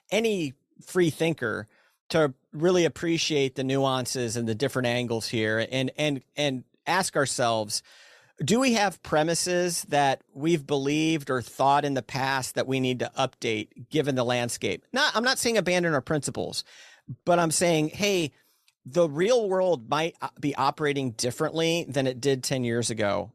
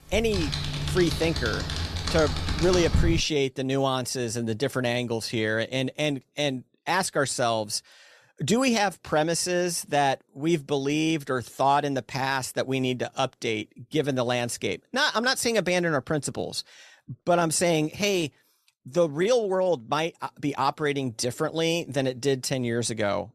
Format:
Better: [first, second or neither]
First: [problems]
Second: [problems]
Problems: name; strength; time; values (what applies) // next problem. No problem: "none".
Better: first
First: none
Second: keyboard typing; loud; until 3 s; peak level with the speech